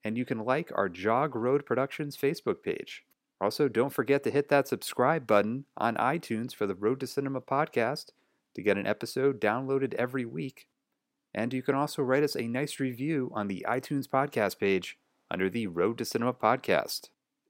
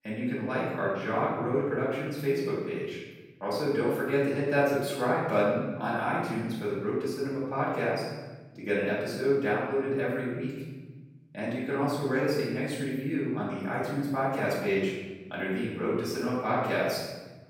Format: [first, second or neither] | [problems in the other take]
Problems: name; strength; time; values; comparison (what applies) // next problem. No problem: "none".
first | room echo; noticeable; dies away in 1.2 s // off-mic speech; far